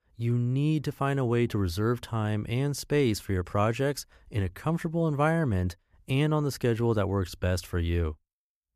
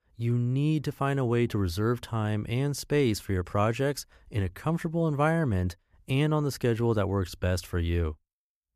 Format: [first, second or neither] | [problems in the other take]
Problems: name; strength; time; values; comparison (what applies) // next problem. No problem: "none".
neither | none